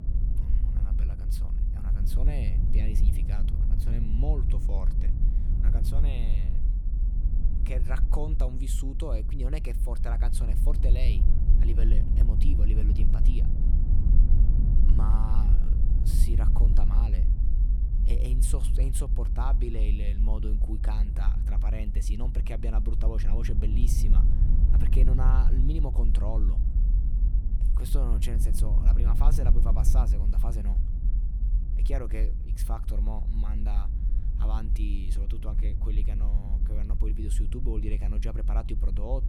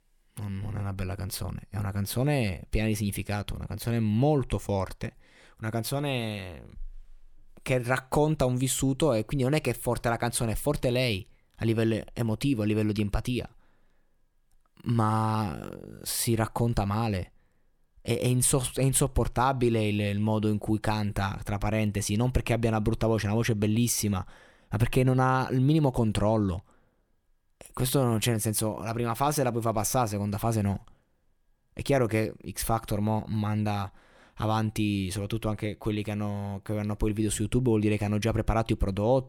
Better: second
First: low rumble; loud; throughout; 4 dB below the speech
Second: none

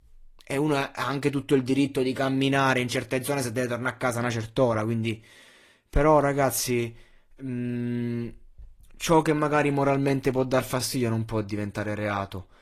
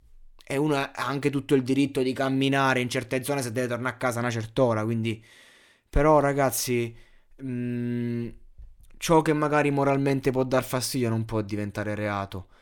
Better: second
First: garbled, watery; slightly; nothing above 13 kHz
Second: none

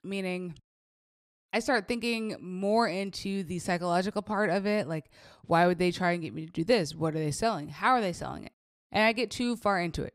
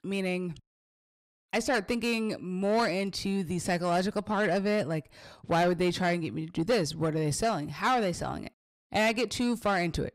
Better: first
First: none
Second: distortion; slight; 10 dB below the speech

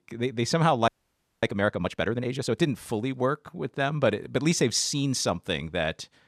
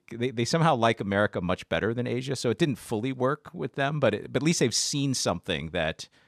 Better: second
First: audio freezing; at 1 s for 0.5 s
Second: none

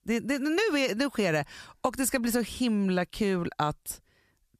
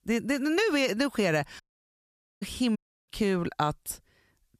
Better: first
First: none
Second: audio cutting out; at 1.5 s for 1 s and at 3 s

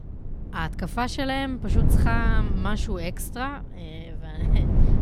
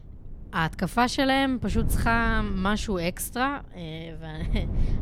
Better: second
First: wind noise on the microphone; heavy; 9 dB below the speech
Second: wind noise on the microphone; occasional gusts; 20 dB below the speech

